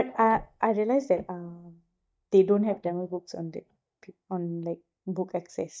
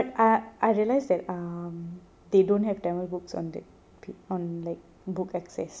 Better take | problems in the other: second | noise reduction (neural mask model DeepFilterNet 3)

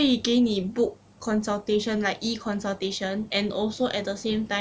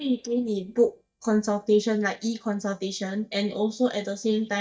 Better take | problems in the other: first | noise reduction (neural mask model DeepFilterNet 3)

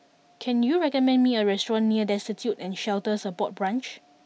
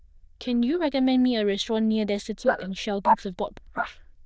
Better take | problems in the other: first | noise reduction (neural diffusion model UNIVERSE++)

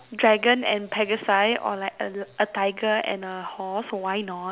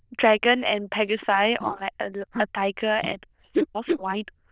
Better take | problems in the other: first | noise reduction (neural diffusion model UNIVERSE++)

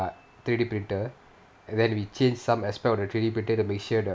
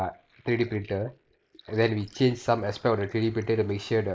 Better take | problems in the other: first | noise reduction (neural mask model Resemble Enhance denoiser)

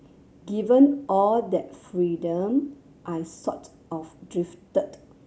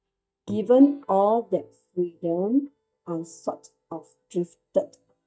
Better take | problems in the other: first | noise reduction (neural mask model DeepFilterNet 3)

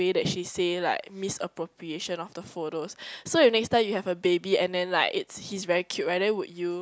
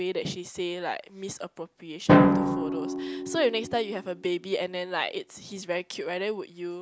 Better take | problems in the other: first | background sound (Drum); 3 dB above the speech

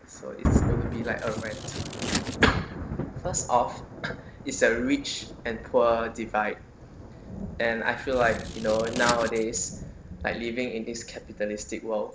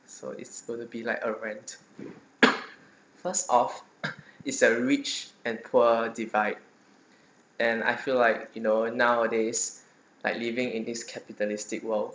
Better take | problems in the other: second | background sound (Scissors + Thunder); 5 dB below the speech

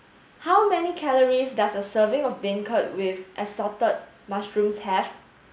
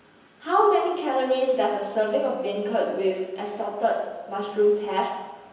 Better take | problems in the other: first | room echo; dies away in 1 s

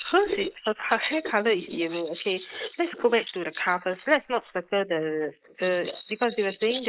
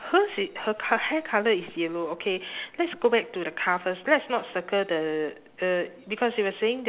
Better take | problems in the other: second | noise reduction (neural mask model Resemble Enhance denoiser)

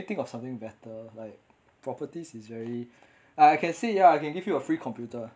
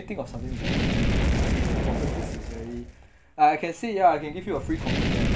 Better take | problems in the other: first | background sound (Fire); 2 dB above the speech

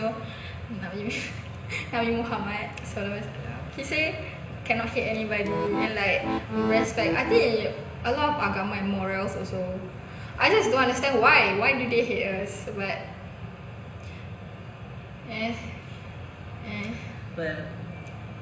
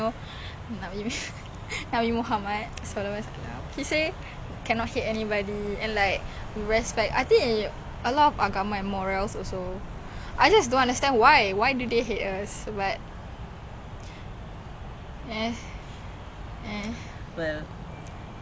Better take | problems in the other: second | background sound (Accordion); 2 dB below the speech // room echo; dies away in 0.9 s

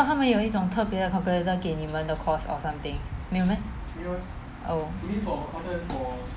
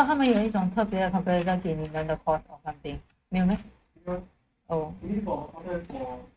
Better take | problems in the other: first | noise reduction (neural mask model RNNoise)

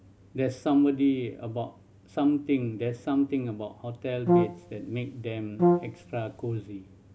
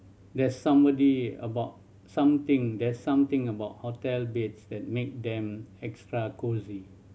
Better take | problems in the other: second | background sound (Brass instrument); 2 dB above the speech

